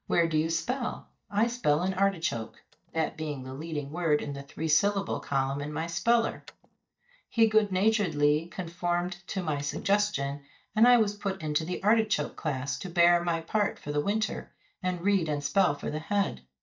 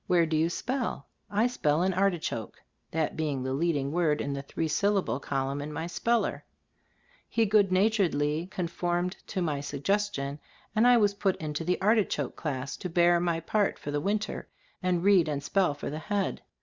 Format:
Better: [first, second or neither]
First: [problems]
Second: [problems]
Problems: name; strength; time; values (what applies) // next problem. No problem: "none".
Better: second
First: noise reduction (neural mask model DeepFilterNet 3)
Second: none